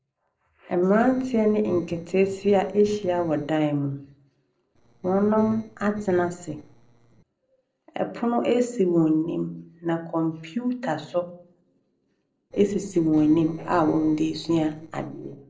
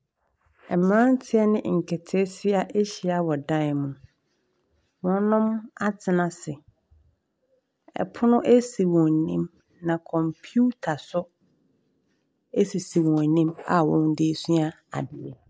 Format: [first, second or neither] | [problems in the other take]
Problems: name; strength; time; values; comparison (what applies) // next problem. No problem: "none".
second | noise reduction (neural separator model SepFormer DNS4)